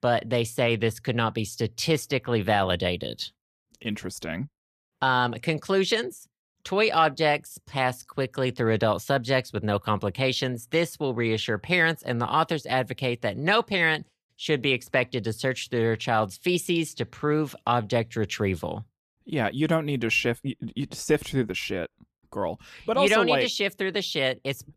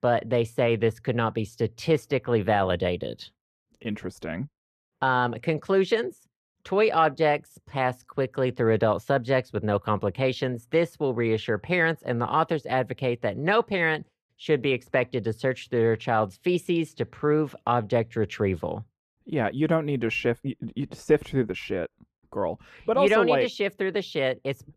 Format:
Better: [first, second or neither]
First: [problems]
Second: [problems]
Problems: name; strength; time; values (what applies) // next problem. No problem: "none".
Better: first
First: none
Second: muffled; slightly; fading above 3 kHz